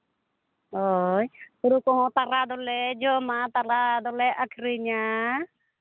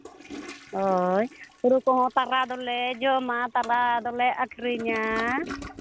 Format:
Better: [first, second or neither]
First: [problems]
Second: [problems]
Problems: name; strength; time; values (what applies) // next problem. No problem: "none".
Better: first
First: none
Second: background sound (Toilet flush); 16 dB below the speech